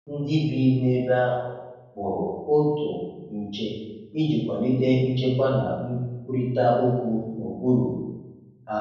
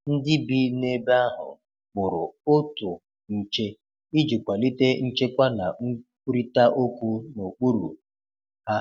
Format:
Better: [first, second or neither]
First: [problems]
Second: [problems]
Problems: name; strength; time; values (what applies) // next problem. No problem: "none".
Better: second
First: room echo; dies away in 1.1 s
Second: none